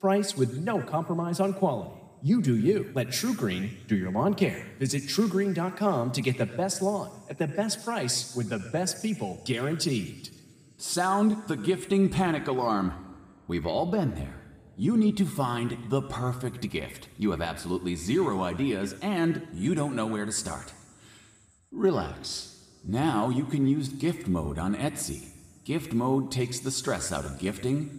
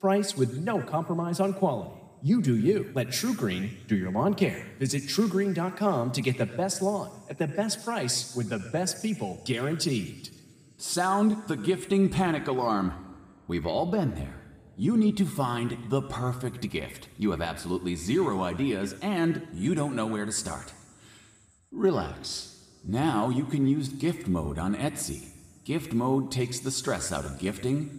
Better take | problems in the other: neither | room echo; slight; dies away in 1.5 s; the same in both

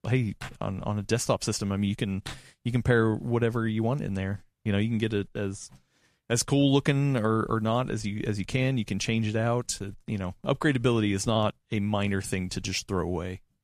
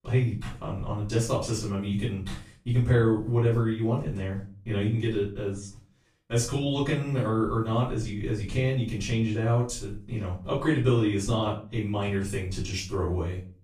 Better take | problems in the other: first | room echo; slight; dies away in 0.3 s // off-mic speech; far

